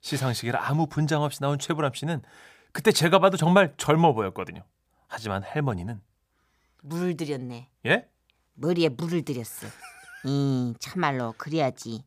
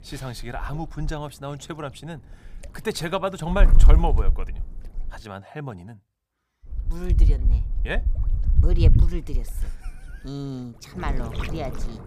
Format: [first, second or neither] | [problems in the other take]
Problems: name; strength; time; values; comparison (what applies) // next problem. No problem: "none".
first | wind noise on the microphone; heavy; until 5 s and from 6.5 s on; 9 dB below the speech